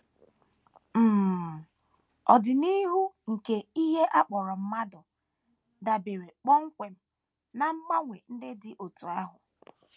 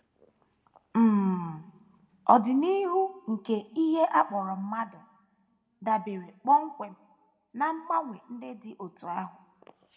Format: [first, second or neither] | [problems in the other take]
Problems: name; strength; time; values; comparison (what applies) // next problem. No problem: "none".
first | room echo; dies away in 1.1 s